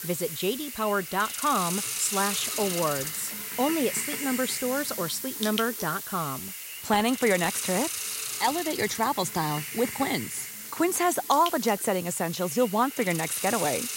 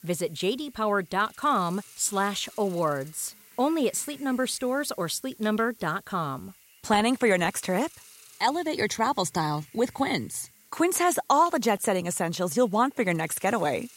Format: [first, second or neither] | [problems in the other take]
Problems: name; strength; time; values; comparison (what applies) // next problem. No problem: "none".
second | hiss; loud; throughout; 4 dB below the speech; faint in the second